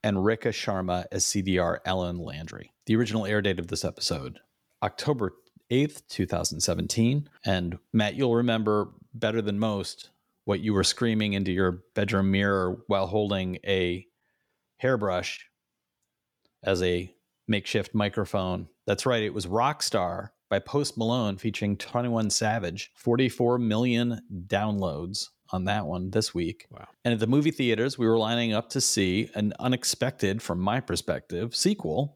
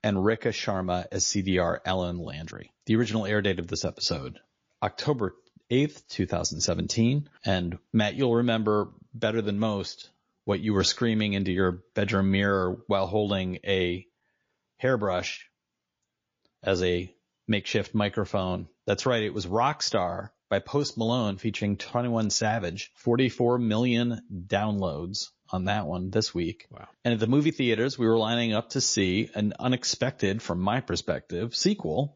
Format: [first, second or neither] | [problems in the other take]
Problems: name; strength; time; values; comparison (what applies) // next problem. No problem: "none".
first | garbled, watery; slightly; nothing above 6 kHz